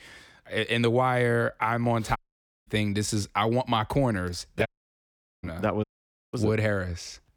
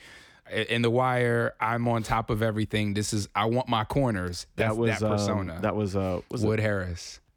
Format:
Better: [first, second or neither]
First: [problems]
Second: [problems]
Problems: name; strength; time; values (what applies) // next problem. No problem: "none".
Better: second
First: audio cutting out; at 2 s for 0.5 s, at 4.5 s for 1 s and at 6 s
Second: none